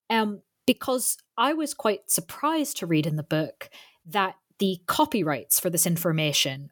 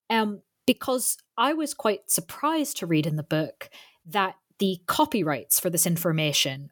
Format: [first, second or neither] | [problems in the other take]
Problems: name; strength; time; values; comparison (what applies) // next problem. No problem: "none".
neither | none